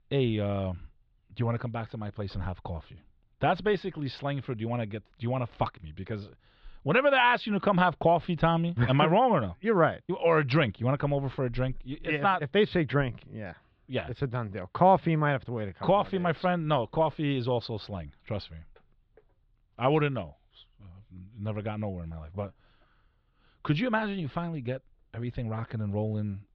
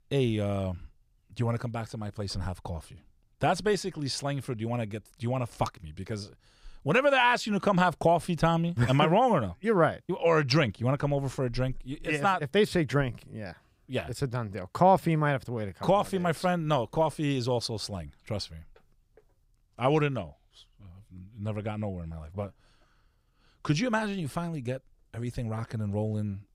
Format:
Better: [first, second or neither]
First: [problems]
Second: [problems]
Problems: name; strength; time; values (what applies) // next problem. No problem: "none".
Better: second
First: muffled; slightly; fading above 3.5 kHz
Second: none